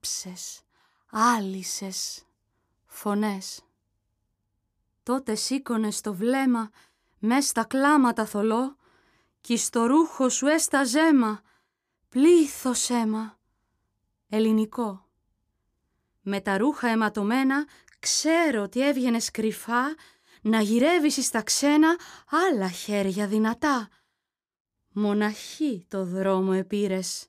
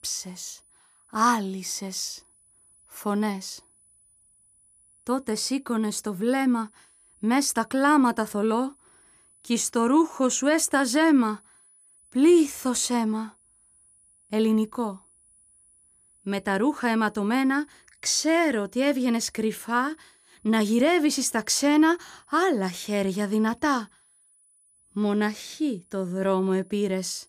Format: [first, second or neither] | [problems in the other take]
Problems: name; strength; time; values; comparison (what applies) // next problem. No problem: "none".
first | high-pitched whine; faint; throughout; 10 kHz, 30 dB below the speech